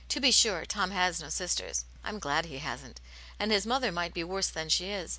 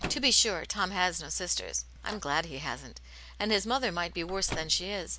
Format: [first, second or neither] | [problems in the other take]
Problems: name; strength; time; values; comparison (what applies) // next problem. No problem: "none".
first | background sound (Microwave oven); 14 dB below the speech